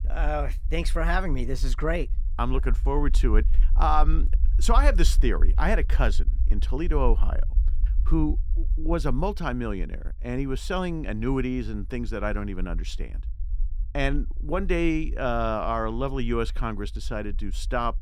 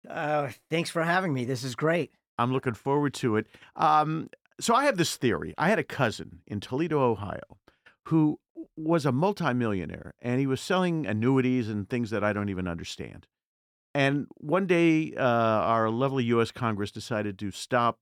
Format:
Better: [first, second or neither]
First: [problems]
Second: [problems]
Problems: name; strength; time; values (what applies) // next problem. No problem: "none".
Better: second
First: low rumble; faint; throughout; 25 dB below the speech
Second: none